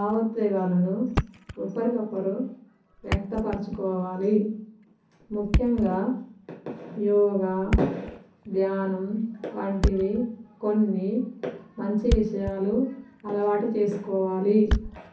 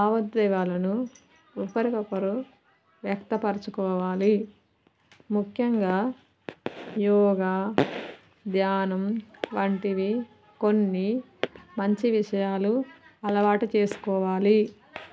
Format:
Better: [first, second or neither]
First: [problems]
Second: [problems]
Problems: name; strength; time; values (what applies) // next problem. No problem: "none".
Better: second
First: background sound (Thump, thud); 7 dB below the speech // room echo; dies away in 0.6 s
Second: none